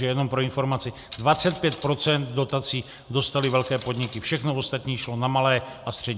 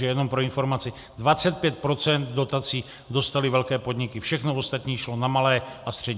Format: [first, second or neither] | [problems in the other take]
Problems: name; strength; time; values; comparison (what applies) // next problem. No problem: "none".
second | background sound (Coin (dropping)); 19 dB below the speech